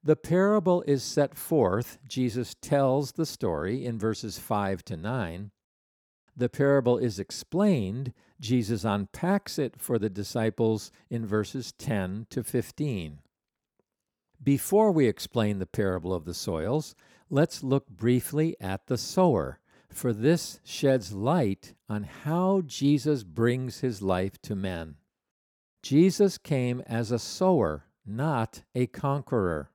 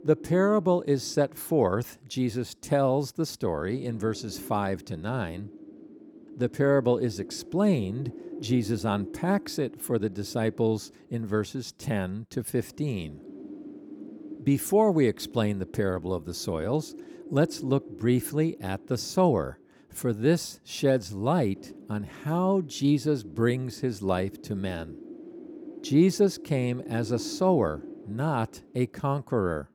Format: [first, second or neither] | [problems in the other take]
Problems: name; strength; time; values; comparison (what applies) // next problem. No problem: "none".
first | wind noise on the microphone; occasional gusts; 20 dB below the speech